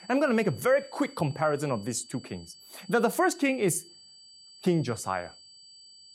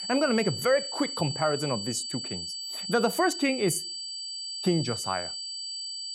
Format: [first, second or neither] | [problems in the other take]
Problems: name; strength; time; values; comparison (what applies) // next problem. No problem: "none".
first | high-pitched whine; loud; throughout; 4.5 kHz, 5 dB below the speech; faint in the first